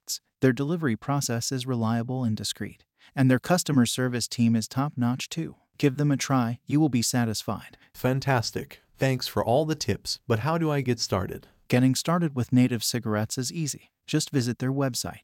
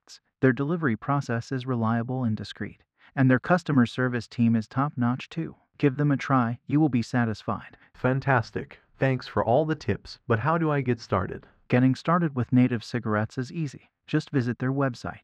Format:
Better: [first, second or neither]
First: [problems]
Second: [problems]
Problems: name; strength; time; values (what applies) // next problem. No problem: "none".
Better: first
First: none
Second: muffled; very; fading above 2.5 kHz